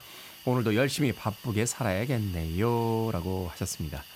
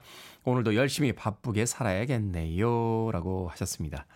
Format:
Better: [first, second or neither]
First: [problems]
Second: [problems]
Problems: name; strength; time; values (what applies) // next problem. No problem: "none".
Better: second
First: hiss; noticeable; throughout; 15 dB below the speech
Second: none